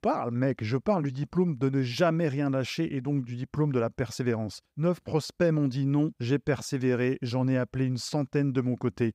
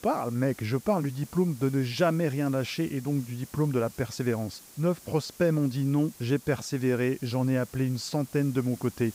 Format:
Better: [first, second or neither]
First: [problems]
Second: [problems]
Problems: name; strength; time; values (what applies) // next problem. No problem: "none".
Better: first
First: none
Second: hiss; noticeable; throughout; 20 dB below the speech